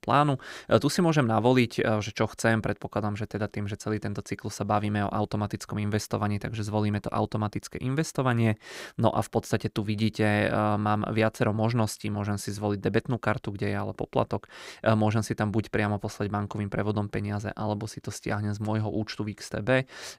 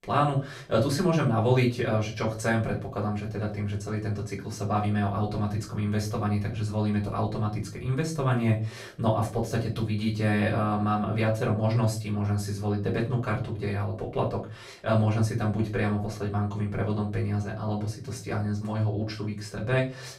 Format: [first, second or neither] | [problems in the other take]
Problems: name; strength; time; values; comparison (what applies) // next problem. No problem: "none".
first | off-mic speech; far // room echo; slight; dies away in 0.3 s